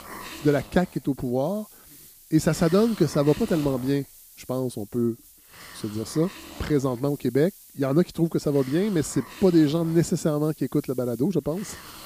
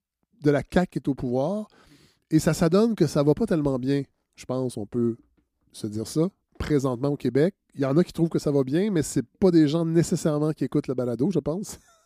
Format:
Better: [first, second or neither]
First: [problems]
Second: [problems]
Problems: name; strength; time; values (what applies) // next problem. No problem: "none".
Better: second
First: hiss; noticeable; throughout; 20 dB below the speech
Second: none